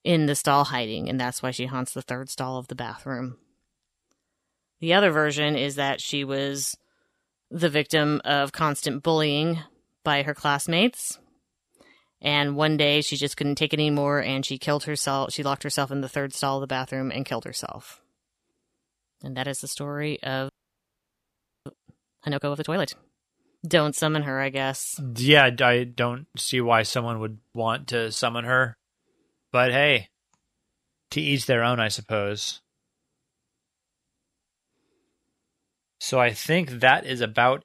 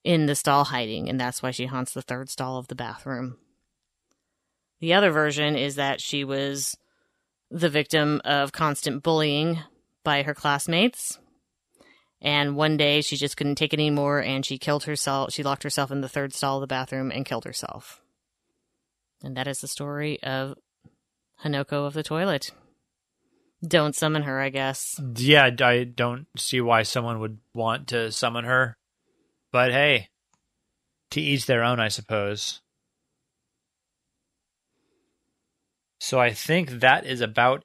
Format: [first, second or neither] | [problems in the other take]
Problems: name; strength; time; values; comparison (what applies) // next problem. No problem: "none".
second | audio freezing; at 20 s for 1 s